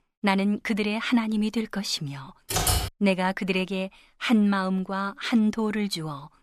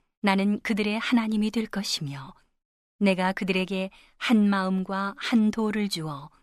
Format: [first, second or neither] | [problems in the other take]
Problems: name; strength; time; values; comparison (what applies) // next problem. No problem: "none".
second | keyboard typing; loud; at 2.5 s; peak 2 dB above the speech